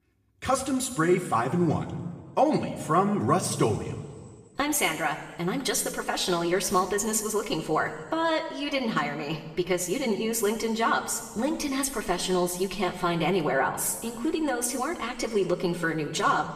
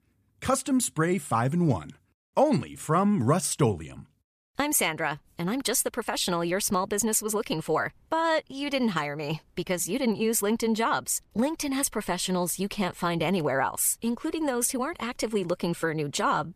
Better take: second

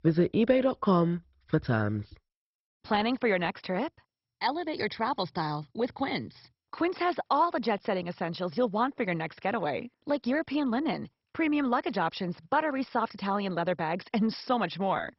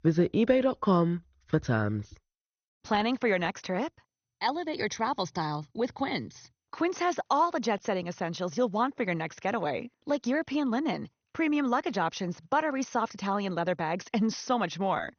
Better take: second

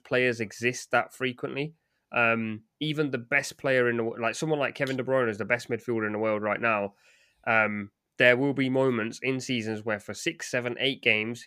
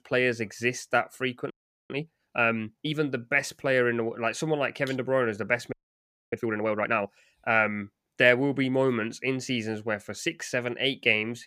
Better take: first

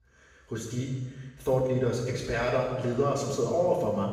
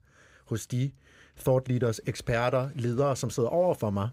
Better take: second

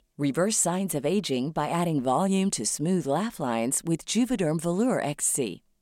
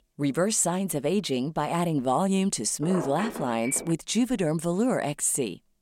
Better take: first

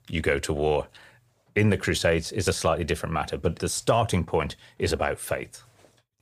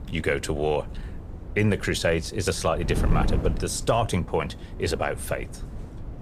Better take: first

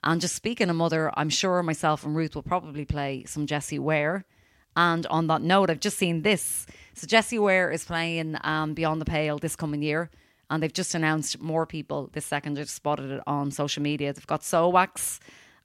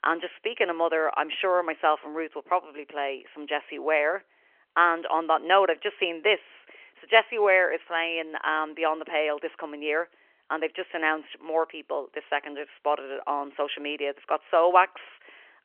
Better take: first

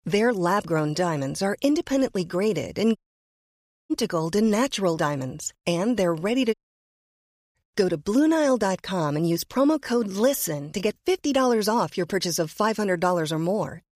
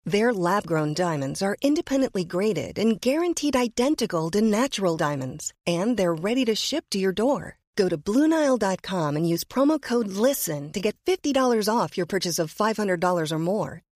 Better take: second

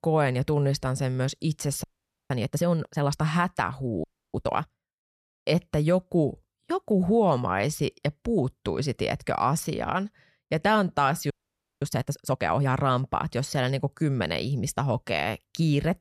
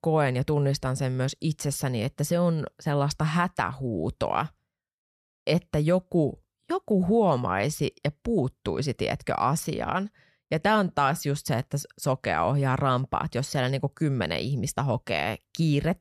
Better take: second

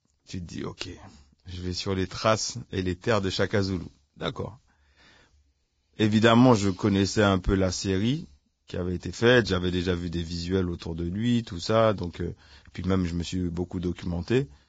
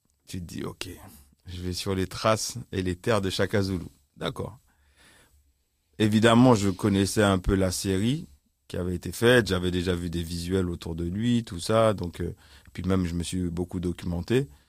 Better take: second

